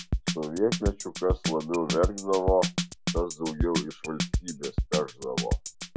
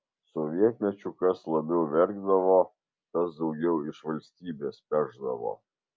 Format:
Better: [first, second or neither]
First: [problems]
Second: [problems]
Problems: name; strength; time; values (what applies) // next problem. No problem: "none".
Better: second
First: background sound (Drum kit); 1 dB below the speech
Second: none